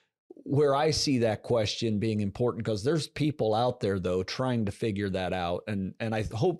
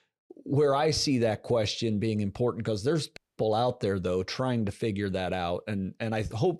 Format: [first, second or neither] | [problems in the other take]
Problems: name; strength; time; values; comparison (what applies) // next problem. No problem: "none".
first | audio cutting out; at 3 s